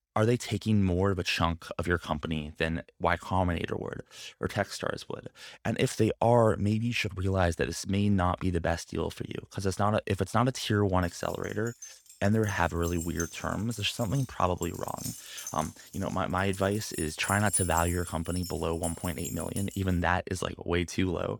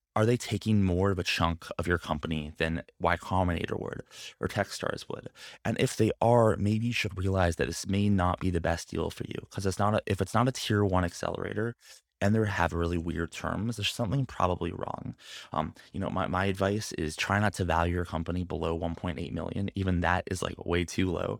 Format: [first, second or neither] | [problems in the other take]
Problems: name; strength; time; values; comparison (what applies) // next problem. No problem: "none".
second | jangling keys; loud; from 12 to 20 s; peak 1 dB above the speech